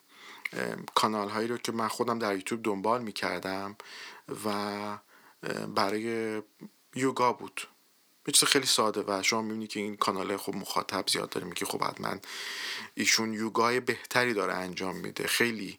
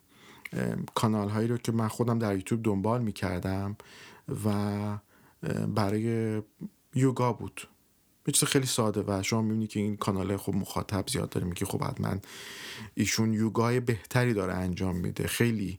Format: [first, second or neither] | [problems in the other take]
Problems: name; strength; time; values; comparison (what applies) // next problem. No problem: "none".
second | thin; somewhat; fading below 300 Hz